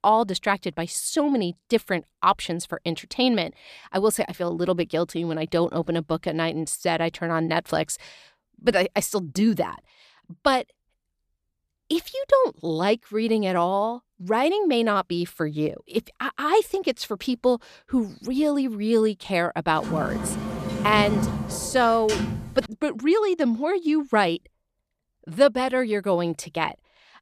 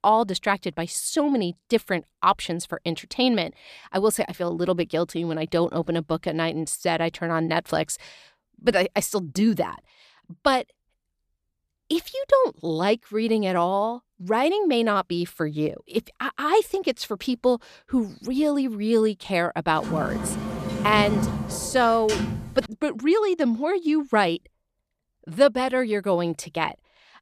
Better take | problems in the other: neither | door banging; noticeable; from 20 to 23 s; peak 1 dB below the speech; the same in both

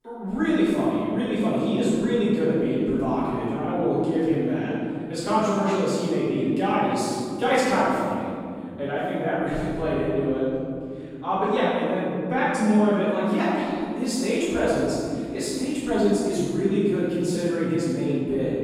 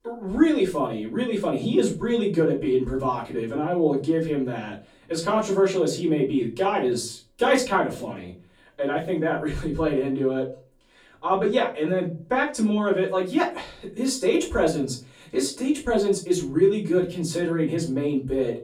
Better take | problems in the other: second | room echo; strong; dies away in 3 s; slight in the second // off-mic speech; far; far in the second

